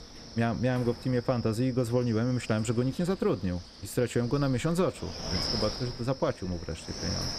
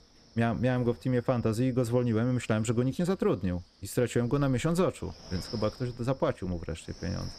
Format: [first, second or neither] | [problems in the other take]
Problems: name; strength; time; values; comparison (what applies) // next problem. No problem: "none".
second | wind noise on the microphone; heavy; 7 dB below the speech; occasional gusts in the second